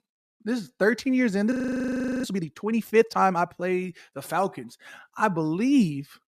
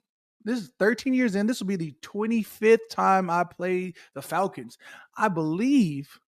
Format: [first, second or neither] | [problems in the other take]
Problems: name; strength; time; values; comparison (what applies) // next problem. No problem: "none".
second | audio freezing; at 1.5 s for 0.5 s